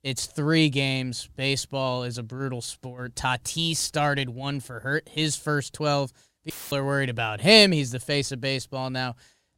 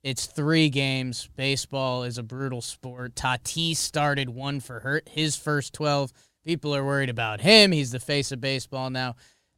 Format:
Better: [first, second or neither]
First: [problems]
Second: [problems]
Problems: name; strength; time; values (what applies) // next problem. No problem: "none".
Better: second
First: audio cutting out; filled with static; at 6.5 s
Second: none